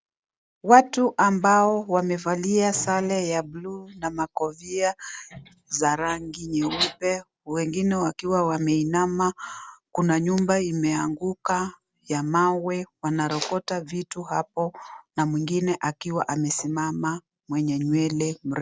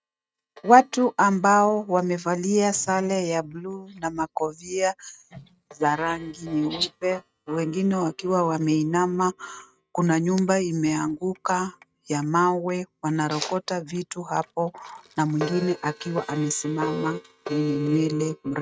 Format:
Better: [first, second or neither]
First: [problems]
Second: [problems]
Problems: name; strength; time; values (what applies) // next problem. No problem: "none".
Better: first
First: none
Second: noise reduction (neural mask model RNNoise)